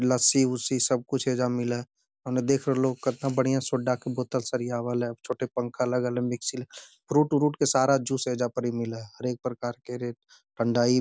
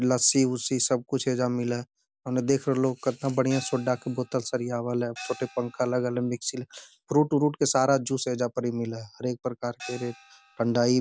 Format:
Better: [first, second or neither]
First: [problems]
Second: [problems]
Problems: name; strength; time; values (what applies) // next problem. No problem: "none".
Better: first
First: none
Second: background sound (Gong); 18 dB below the speech